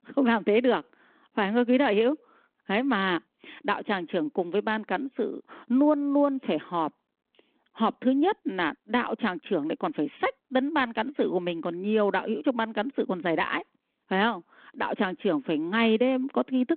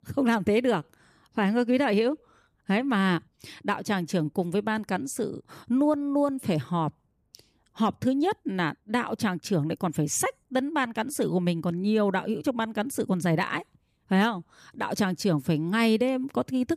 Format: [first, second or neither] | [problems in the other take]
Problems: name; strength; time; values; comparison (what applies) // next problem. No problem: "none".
second | phone-call audio